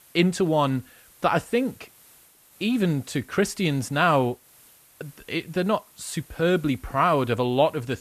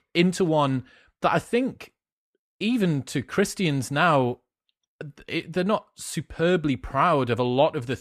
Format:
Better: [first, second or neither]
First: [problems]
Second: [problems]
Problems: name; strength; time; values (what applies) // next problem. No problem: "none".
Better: second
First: hiss; faint; throughout; 25 dB below the speech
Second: none